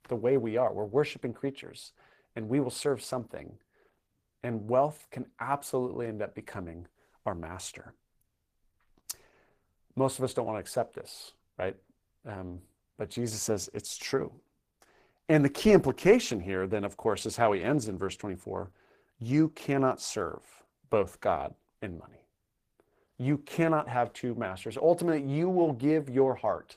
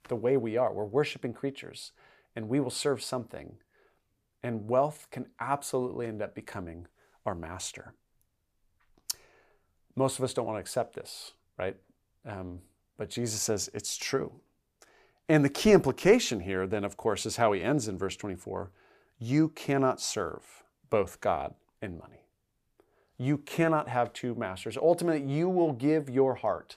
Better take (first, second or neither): second